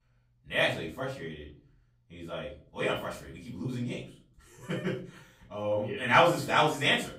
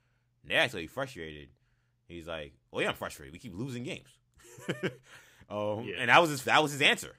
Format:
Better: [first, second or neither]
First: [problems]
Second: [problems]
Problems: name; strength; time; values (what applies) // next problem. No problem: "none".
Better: second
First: off-mic speech; far // room echo; slight; dies away in 0.4 s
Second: none